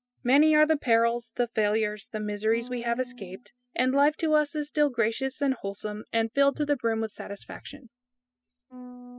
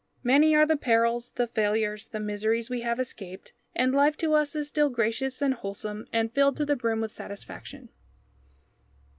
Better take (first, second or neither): second